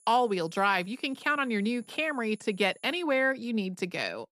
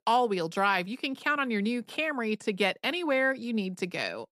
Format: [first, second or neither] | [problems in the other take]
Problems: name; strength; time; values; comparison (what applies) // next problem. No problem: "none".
second | high-pitched whine; faint; until 3 s; 10 kHz, 30 dB below the speech